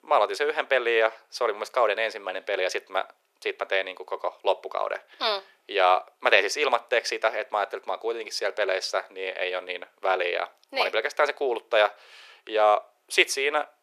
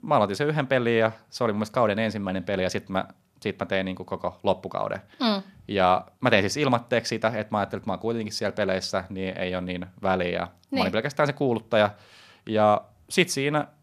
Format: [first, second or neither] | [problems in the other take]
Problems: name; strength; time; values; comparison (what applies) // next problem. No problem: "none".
second | thin; very; fading below 400 Hz